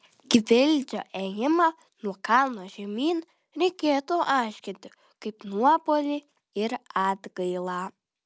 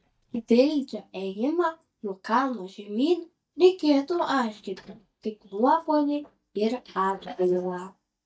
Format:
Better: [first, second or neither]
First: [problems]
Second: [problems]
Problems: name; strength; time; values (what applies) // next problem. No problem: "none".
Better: first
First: none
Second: noise reduction (neural mask model DeepFilterNet 3)